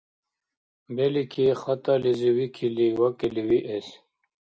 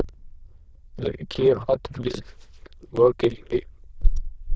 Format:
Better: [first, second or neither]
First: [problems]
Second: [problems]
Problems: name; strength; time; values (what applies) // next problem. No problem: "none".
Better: first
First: none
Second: noise reduction (neural diffusion model UNIVERSE++)